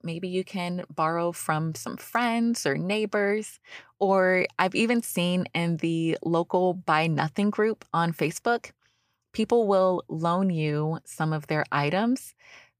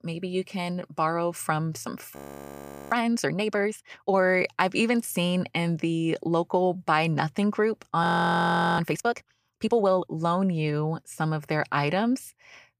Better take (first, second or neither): first